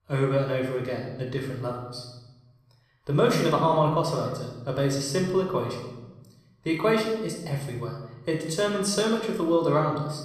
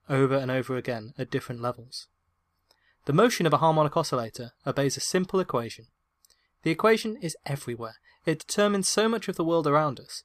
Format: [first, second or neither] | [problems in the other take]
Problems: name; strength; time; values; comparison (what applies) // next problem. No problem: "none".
second | off-mic speech; somewhat distant // room echo; noticeable; dies away in 1 s